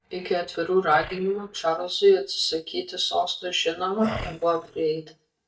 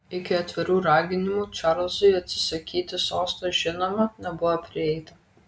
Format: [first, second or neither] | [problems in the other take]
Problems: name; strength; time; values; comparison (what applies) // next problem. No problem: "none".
second | noise reduction (neural mask model DeepFilterNet 3)